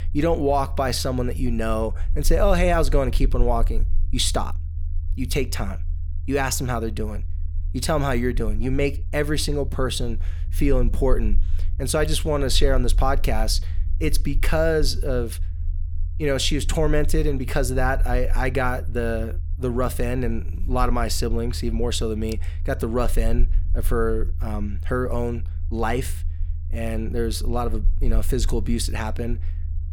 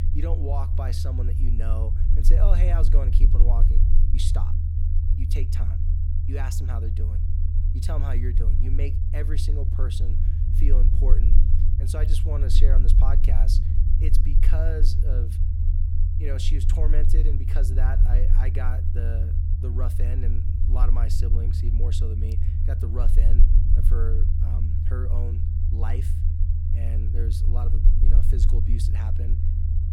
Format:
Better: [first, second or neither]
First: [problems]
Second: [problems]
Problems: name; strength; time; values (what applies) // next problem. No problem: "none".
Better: first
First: low rumble; faint; throughout; 25 dB below the speech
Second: low rumble; loud; throughout; 3 dB below the speech